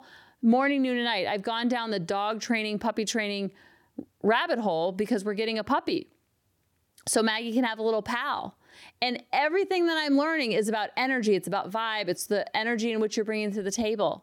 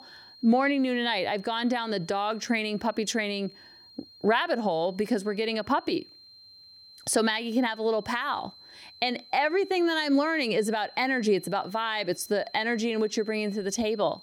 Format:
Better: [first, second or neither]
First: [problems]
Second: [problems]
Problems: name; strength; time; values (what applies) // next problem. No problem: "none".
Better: first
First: none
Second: high-pitched whine; faint; throughout; 4 kHz, 20 dB below the speech